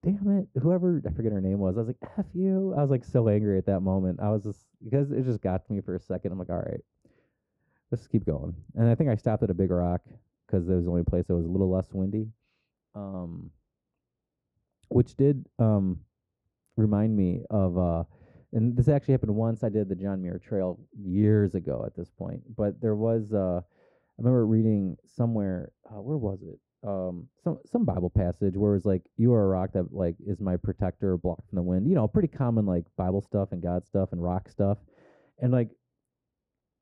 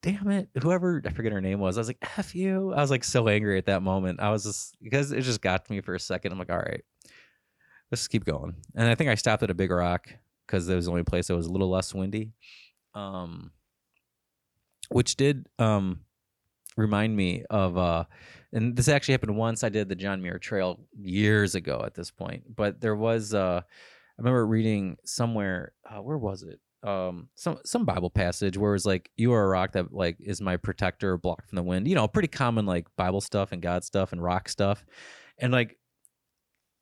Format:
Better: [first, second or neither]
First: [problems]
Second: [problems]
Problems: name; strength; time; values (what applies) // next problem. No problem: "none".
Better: second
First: muffled; very; fading above 1.5 kHz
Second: none